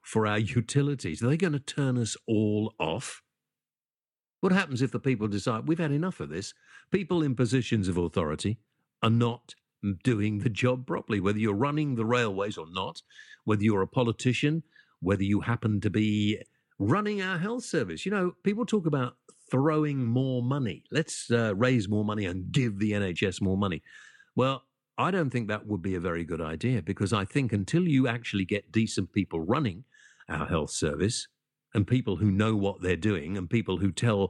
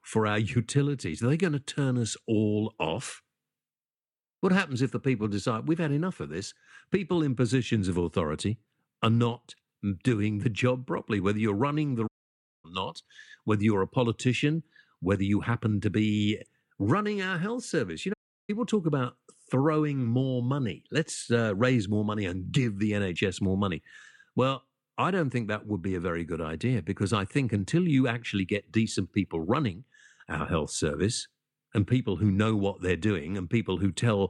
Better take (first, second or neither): first